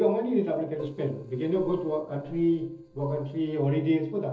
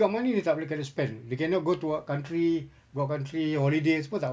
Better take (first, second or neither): second